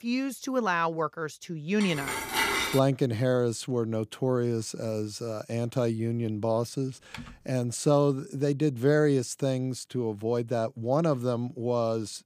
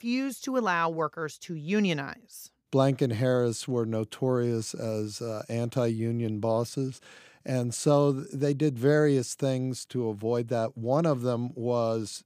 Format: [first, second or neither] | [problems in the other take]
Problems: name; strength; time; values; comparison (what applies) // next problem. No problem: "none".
second | clattering dishes; loud; at 2 s; peak 3 dB above the speech // keyboard typing; faint; at 7 s; peak 15 dB below the speech